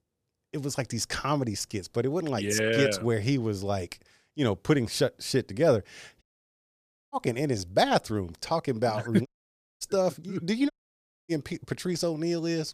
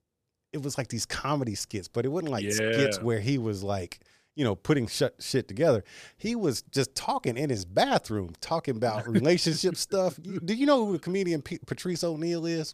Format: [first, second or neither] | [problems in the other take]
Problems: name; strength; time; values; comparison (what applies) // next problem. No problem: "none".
second | audio cutting out; at 6 s for 1 s, at 9.5 s for 0.5 s and at 11 s for 0.5 s